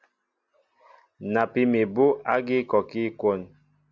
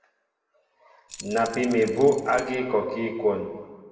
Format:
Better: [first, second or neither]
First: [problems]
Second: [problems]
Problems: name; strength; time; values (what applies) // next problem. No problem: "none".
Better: first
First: none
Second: background sound (Keys jangling); 17 dB below the speech // room echo; dies away in 1.2 s